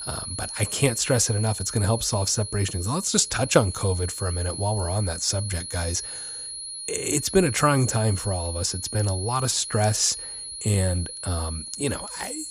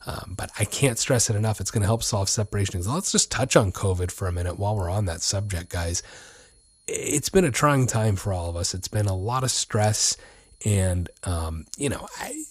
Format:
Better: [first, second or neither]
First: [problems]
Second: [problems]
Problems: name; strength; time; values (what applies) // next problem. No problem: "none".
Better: second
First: high-pitched whine; loud; throughout; 10.5 kHz, 8 dB below the speech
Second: high-pitched whine; faint; throughout; 10.5 kHz, 35 dB below the speech